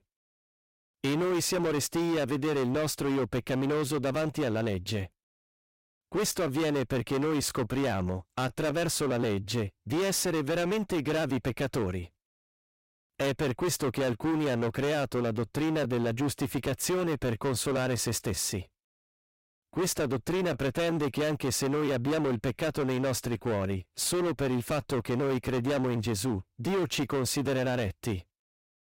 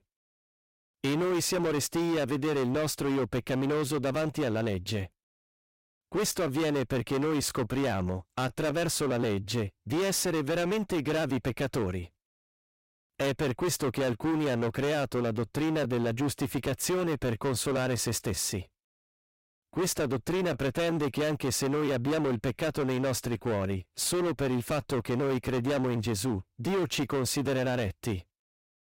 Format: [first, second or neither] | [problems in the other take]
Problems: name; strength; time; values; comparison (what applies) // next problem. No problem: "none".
neither | distortion; heavy; 23% of the sound clipped; the same in both